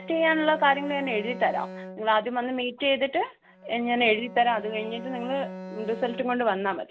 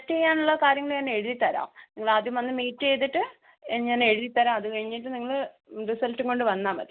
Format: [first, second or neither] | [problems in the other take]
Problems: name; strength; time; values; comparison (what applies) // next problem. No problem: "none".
second | background sound (Bowed string instrument); 15 dB below the speech